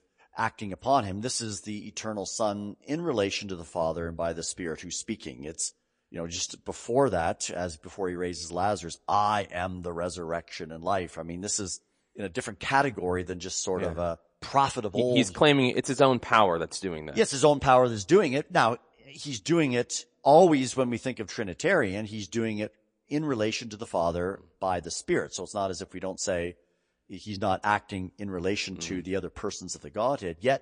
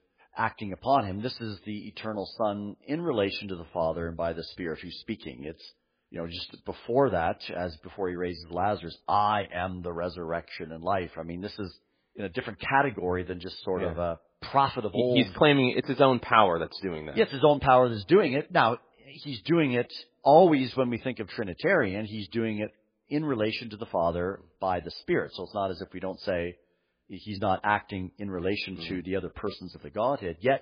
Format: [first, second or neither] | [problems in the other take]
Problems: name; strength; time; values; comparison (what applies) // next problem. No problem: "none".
first | garbled, watery; badly; nothing above 5 kHz; slightly in the first